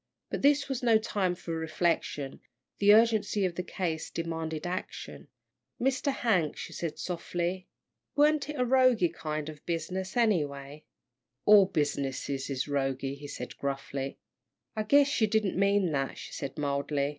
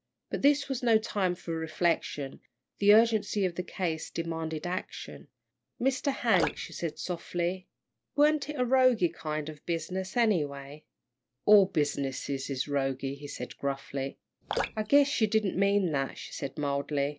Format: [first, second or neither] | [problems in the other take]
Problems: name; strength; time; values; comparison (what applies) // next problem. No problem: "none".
first | background sound (Drip); 10 dB below the speech